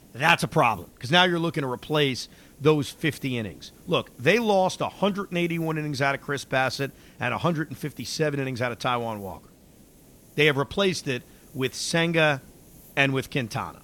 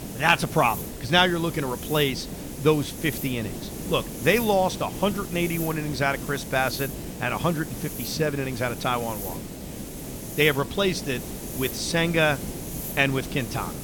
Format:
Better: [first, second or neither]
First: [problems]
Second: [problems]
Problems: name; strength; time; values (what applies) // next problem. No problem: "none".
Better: first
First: hiss; faint; throughout; 25 dB below the speech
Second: hiss; loud; throughout; 9 dB below the speech